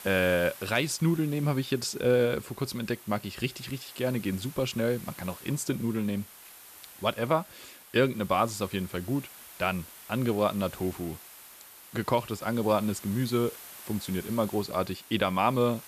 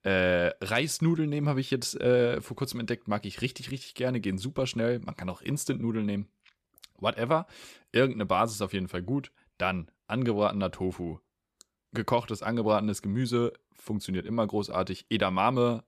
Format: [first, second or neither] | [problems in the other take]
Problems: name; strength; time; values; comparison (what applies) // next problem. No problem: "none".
second | hiss; noticeable; throughout; 15 dB below the speech